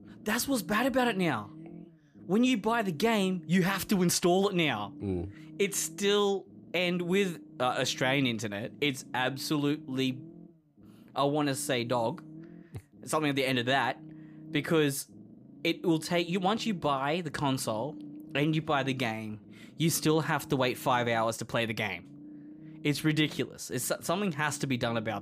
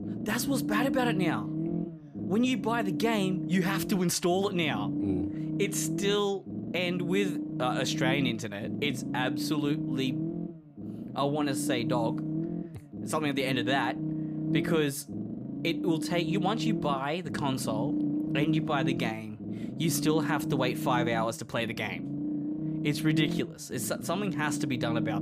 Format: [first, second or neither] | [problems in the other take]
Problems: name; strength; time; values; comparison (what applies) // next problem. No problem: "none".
first | low rumble; loud; throughout; 7 dB below the speech; faint in the first